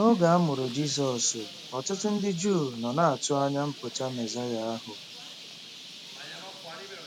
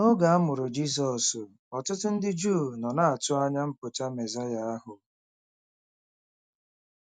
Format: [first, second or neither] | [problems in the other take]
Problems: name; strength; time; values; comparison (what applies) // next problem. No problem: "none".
second | background sound (Bird); 15 dB below the speech